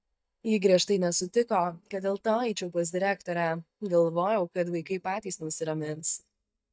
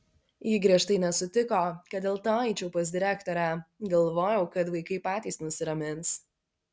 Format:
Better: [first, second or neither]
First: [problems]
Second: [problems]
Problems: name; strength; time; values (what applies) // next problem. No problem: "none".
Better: second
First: noise reduction (neural mask model DeepFilterNet 3)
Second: none